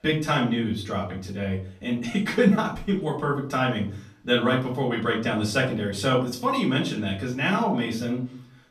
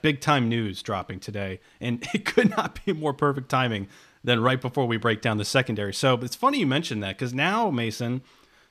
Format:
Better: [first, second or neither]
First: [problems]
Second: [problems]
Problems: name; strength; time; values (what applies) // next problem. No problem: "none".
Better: second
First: off-mic speech; far // room echo; slight; dies away in 0.4 s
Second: none